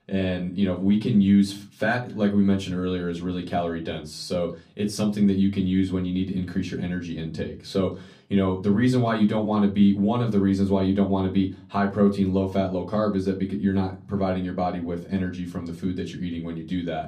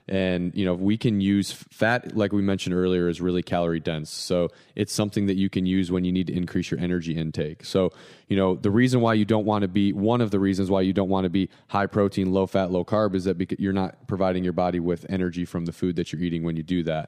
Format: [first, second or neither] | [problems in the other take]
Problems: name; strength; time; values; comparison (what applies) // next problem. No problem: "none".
second | off-mic speech; far // room echo; very slight; dies away in 0.2 s